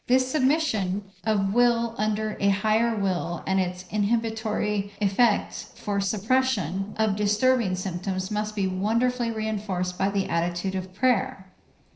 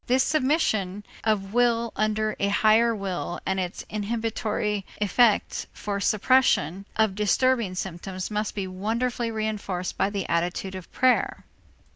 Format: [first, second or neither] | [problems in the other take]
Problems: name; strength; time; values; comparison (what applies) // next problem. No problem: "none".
second | noise reduction (neural separator model SepFormer DNS4)